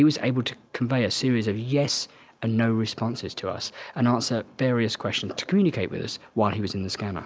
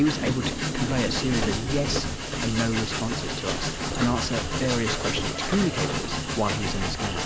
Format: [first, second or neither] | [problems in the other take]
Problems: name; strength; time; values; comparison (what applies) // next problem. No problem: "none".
first | background sound (Train); as loud as the speech